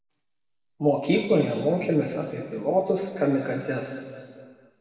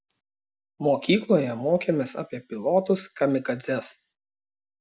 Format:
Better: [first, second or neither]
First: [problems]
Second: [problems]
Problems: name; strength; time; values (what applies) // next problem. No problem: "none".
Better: second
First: room echo; dies away in 2.2 s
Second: none